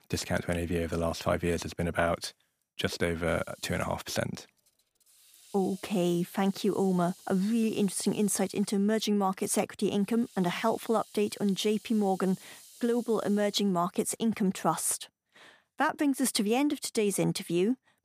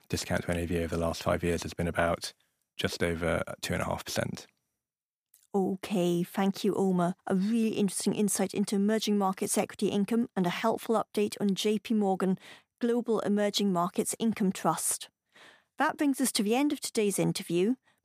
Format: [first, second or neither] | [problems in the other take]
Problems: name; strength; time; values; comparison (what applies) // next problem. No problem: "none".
second | hiss; faint; from 3.5 to 15 s; 25 dB below the speech